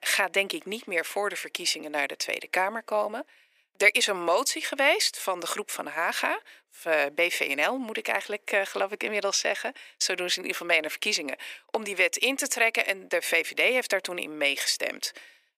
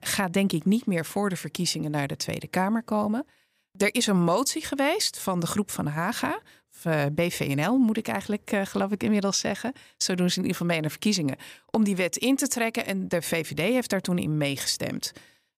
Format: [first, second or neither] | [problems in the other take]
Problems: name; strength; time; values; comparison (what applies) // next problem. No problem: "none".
second | thin; very; fading below 350 Hz